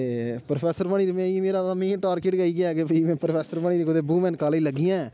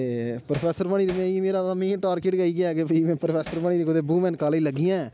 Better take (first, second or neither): first